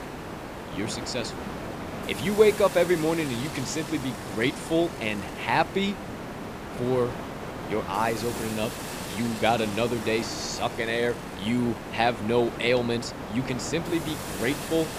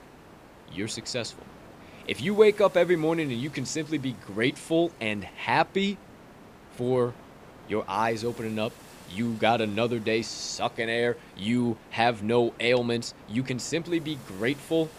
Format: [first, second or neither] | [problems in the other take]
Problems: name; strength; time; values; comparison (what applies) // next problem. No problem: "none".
second | hiss; loud; throughout; 8 dB below the speech; faint in the second